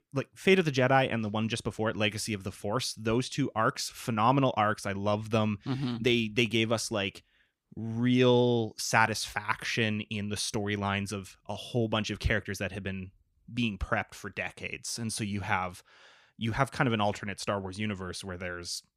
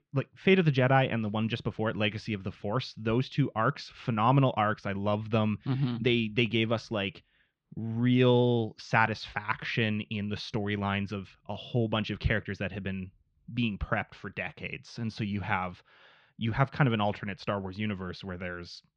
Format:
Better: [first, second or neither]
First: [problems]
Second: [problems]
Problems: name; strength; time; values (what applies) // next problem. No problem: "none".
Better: first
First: none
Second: muffled; slightly; fading above 4 kHz